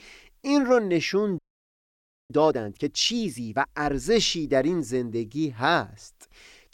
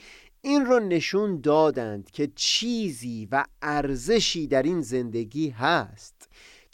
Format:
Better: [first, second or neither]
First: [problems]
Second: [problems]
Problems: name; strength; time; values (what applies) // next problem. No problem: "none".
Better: second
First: audio freezing; at 1.5 s for 1 s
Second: none